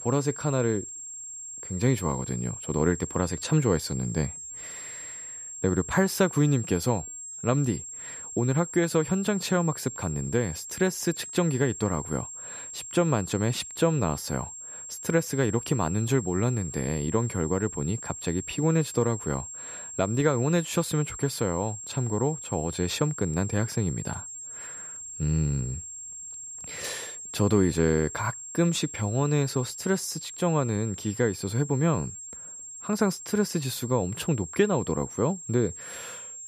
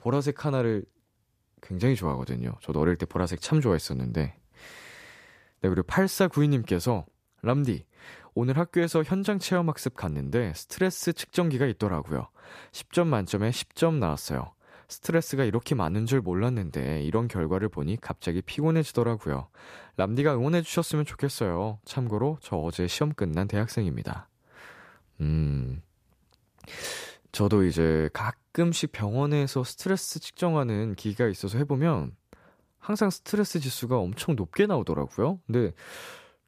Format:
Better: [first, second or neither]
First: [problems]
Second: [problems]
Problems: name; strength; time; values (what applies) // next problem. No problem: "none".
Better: second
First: high-pitched whine; loud; throughout; 7.5 kHz, 9 dB below the speech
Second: none